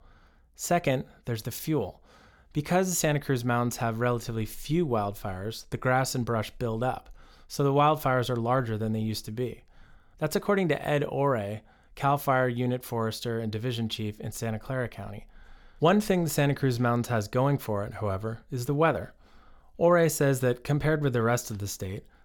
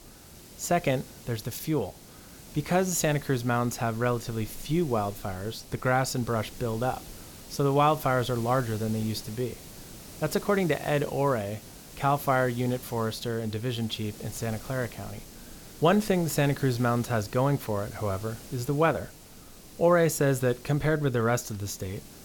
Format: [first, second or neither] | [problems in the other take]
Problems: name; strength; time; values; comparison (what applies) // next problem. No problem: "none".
first | hiss; noticeable; throughout; 15 dB below the speech